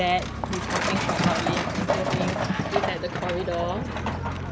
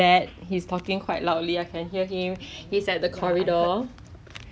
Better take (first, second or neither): second